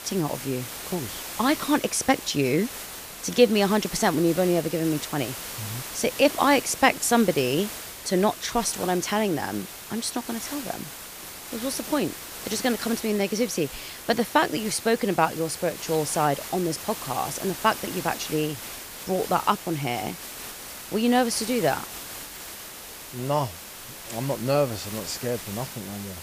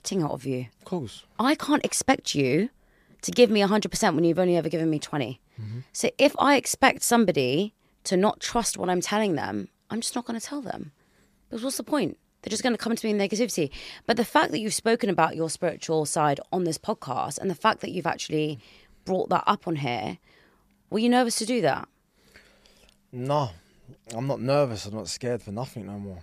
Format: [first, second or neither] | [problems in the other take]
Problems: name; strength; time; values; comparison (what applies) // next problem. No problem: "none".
second | hiss; noticeable; throughout; 10 dB below the speech